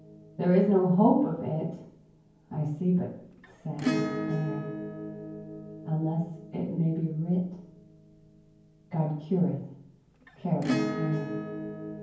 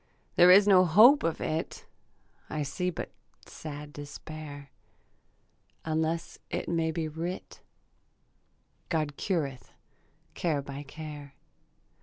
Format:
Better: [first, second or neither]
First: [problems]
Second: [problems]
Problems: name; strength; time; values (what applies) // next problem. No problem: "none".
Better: second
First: background sound (Acoustic guitar / Strum); 8 dB below the speech // room echo; dies away in 0.9 s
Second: none